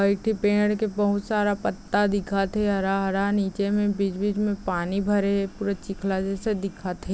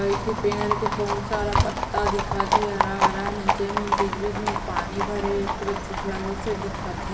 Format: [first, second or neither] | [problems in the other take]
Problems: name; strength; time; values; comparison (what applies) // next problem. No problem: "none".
first | background sound (Livestock, farm animals, working animals); 2 dB above the speech // room echo; dies away in 0.8 s